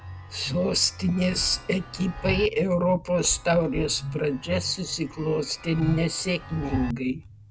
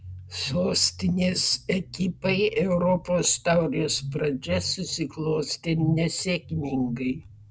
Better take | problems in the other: second | background sound (Chime); 14 dB below the speech

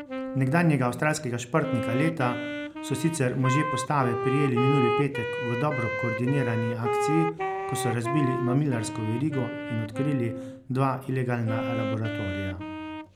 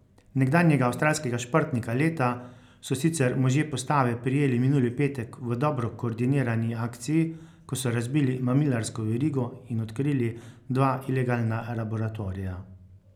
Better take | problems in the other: second | background sound (Wind instrument, woodwind instrument); 4 dB below the speech

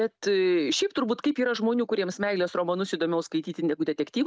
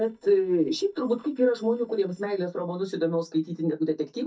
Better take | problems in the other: first | noise reduction (neural mask model DeepFilterNet 3)

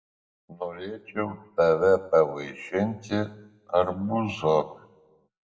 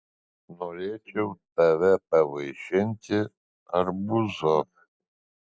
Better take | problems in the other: second | room echo; dies away in 0.5 s

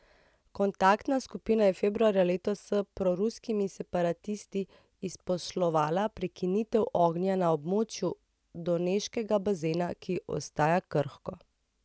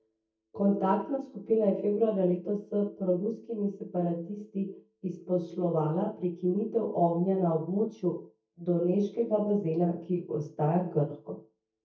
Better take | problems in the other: first | noise reduction (neural mask model DeepFilterNet 3)

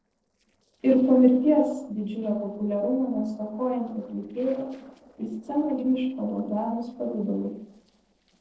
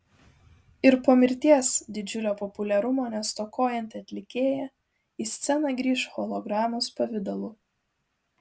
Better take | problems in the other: second | noise reduction (neural separator model SepFormer DNS4)

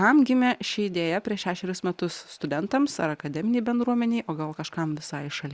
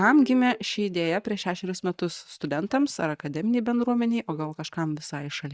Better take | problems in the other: first | noise reduction (neural mask model DeepFilterNet 3)

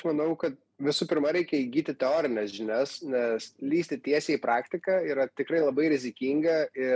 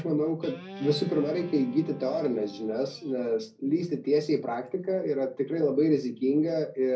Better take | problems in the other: first | background sound (Guitar); 16 dB below the speech // room echo; dies away in 0.4 s

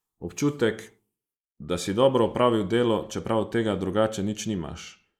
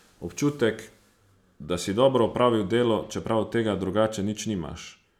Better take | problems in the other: second | noise reduction (neural mask model Resemble Enhance denoiser)

